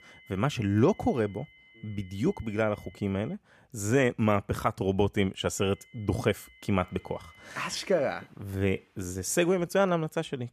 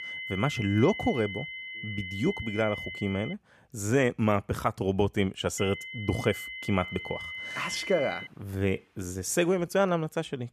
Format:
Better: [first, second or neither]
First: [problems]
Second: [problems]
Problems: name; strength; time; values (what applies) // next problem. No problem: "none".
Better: first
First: high-pitched whine; faint; until 3.5 s and from 5.5 to 8.5 s; 2 kHz, 25 dB below the speech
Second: high-pitched whine; loud; until 3.5 s and from 5.5 to 8.5 s; 2 kHz, 8 dB below the speech